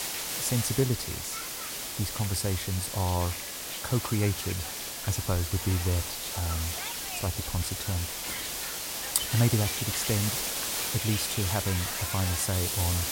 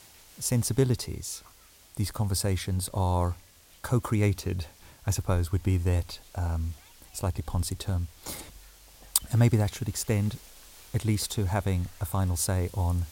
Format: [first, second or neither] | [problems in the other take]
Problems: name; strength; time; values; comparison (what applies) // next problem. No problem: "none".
second | hiss; loud; throughout; 1 dB below the speech; faint in the second